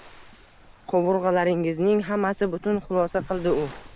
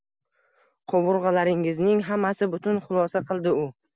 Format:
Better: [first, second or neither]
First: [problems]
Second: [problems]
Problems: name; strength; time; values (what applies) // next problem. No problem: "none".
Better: second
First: background sound (Waves, surf); 19 dB below the speech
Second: none